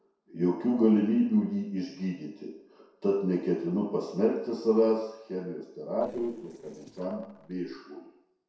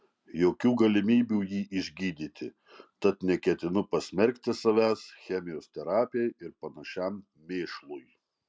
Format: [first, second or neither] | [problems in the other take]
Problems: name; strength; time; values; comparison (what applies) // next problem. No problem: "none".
second | noise reduction (neural separator model SepFormer DNS4)